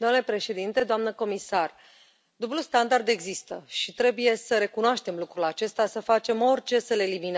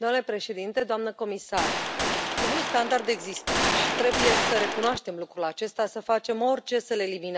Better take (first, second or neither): first